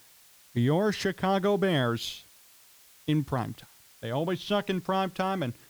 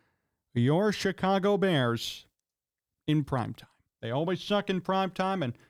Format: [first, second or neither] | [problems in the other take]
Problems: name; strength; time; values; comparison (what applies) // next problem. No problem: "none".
second | hiss; faint; throughout; 25 dB below the speech